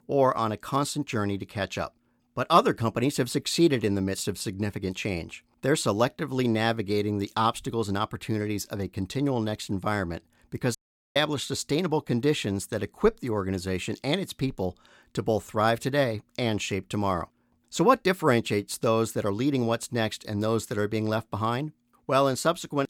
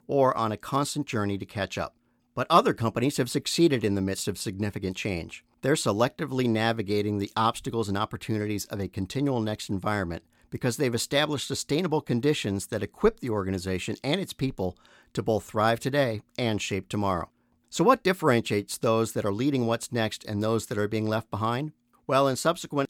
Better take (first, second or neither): second